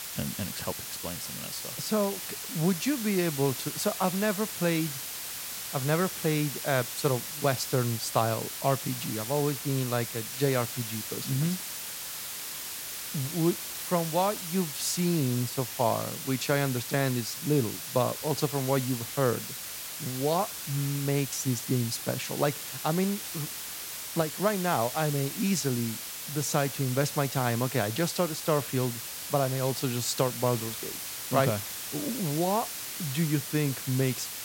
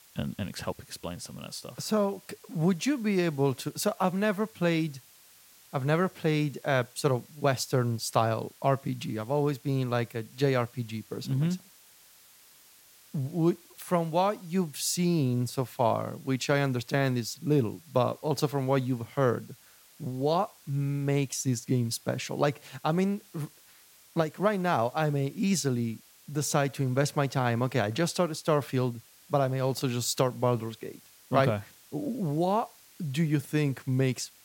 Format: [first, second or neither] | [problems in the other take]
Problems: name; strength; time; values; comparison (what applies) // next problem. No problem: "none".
second | hiss; loud; throughout; 5 dB below the speech; faint in the second